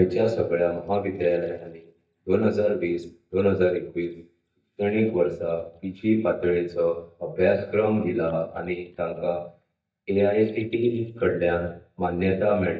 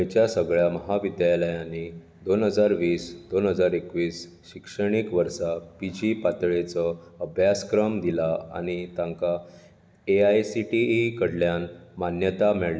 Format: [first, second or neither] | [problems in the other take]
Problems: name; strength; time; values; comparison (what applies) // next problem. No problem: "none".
second | noise reduction (neural mask model DeepFilterNet 3)